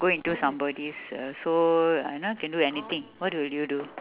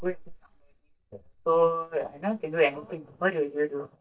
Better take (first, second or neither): first